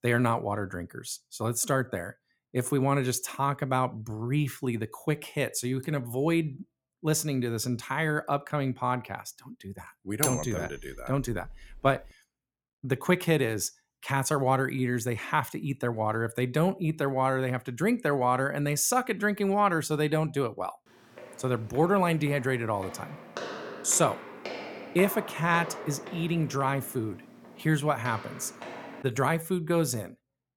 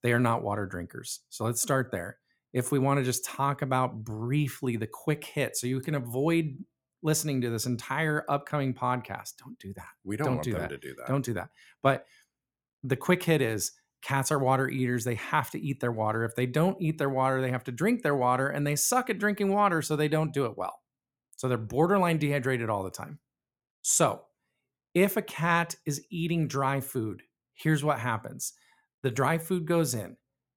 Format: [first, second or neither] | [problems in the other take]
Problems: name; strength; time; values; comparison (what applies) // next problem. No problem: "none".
second | clattering dishes; noticeable; from 10 to 12 s; peak 1 dB below the speech // footsteps; noticeable; from 21 to 29 s; peak 8 dB below the speech